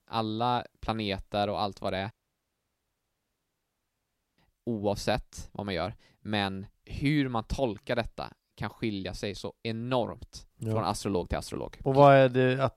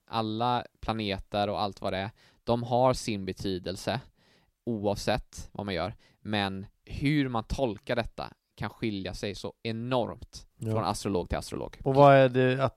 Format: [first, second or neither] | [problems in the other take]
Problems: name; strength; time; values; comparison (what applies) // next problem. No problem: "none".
second | audio cutting out; at 2 s for 2.5 s